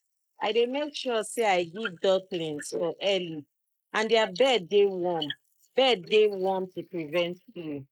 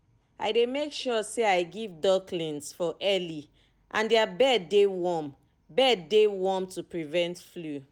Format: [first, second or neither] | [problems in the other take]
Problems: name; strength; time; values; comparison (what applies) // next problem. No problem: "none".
second | noise reduction (neural mask model Resemble Enhance denoiser)